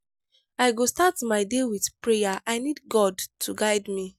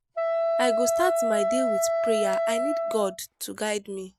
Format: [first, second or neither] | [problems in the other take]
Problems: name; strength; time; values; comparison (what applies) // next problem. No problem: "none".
first | background sound (Wind instrument, woodwind instrument); 4 dB above the speech